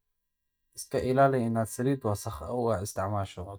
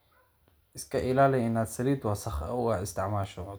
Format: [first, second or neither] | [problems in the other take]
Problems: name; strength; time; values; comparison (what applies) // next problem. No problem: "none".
second | noise reduction (neural mask model DeepFilterNet 3)